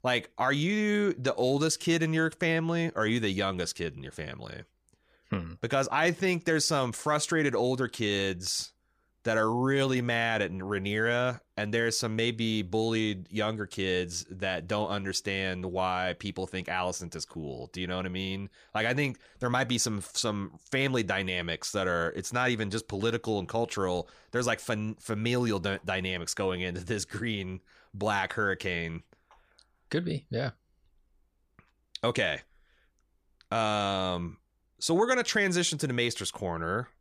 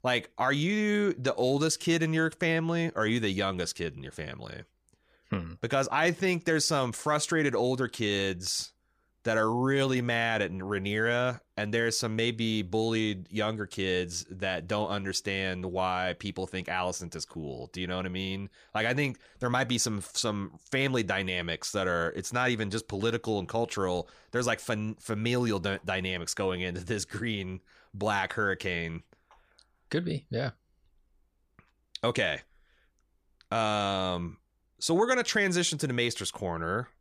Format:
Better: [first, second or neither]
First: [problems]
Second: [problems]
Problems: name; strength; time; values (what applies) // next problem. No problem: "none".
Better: neither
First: none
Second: none